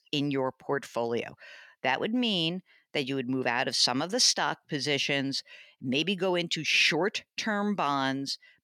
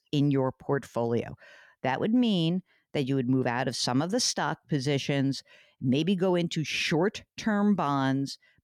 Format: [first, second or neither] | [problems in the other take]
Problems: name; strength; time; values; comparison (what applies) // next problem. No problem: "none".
second | thin; very slightly; fading below 850 Hz